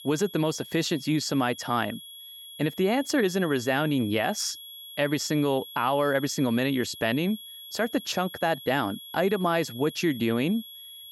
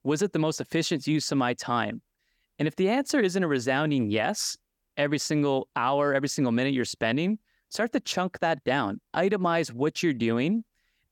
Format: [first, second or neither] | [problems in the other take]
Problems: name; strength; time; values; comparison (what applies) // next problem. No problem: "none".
second | high-pitched whine; noticeable; throughout; 3.5 kHz, 15 dB below the speech